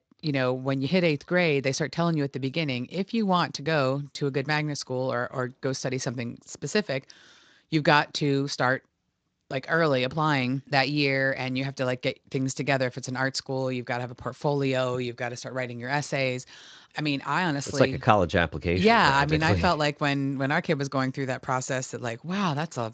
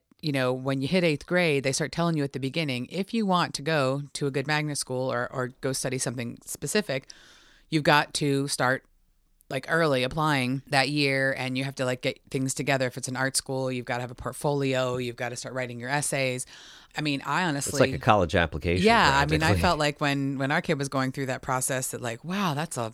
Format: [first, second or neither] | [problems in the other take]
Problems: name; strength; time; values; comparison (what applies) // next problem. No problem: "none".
second | garbled, watery; slightly; nothing above 7.5 kHz